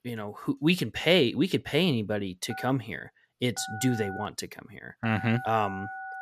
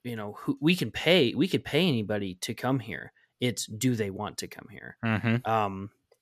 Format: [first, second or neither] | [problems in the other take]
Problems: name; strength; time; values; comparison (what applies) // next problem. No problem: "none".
second | phone ringing; faint; from 2.5 s on; peak 10 dB below the speech